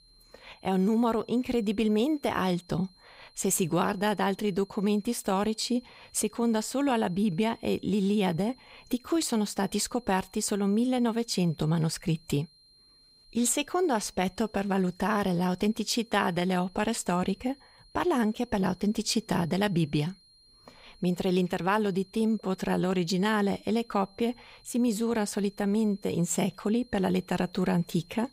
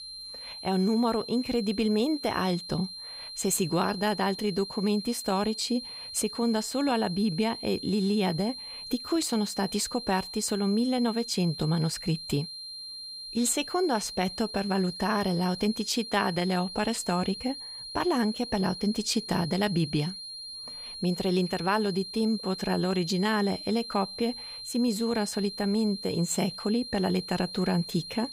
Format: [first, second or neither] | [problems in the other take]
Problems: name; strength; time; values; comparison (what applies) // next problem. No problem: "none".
first | high-pitched whine; loud; throughout; 4 kHz, 9 dB below the speech; faint in the first